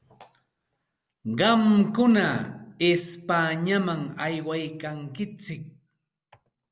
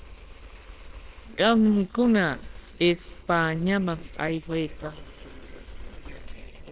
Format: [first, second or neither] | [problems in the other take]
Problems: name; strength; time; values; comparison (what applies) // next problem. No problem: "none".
first | noise reduction (neural separator model SepFormer WHAMR!)